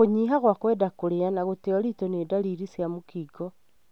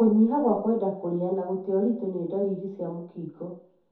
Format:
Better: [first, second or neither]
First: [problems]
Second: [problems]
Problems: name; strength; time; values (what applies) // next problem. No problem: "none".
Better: first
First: none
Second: room echo; dies away in 0.5 s